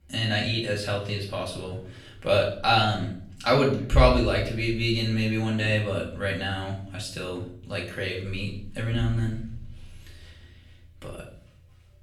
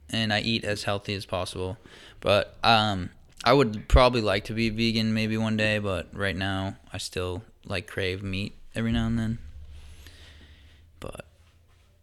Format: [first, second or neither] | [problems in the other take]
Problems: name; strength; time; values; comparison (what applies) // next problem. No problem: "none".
second | off-mic speech; far // room echo; slight; dies away in 0.5 s